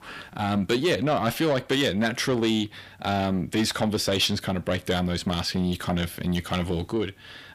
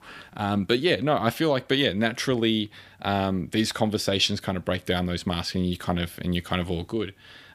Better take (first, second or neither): second